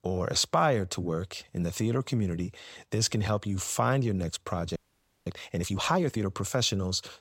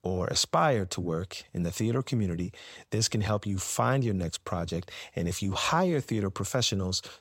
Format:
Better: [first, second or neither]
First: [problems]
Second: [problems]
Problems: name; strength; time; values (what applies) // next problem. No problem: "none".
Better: second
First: audio freezing; at 5 s for 0.5 s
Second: none